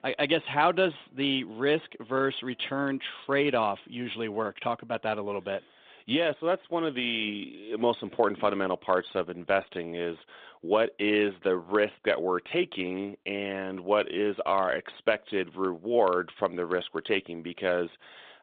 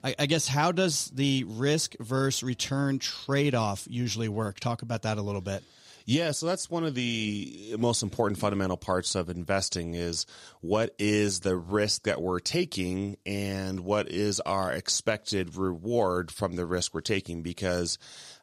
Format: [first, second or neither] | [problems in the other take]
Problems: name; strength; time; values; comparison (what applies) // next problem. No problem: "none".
second | phone-call audio